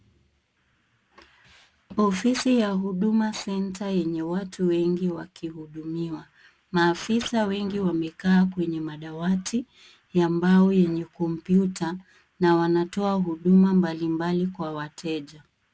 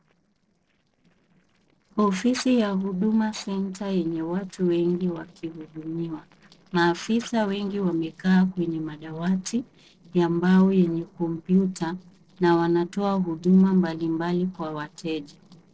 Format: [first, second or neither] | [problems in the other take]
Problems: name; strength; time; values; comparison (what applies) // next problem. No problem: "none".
first | noise reduction (neural separator model SepFormer DNS4)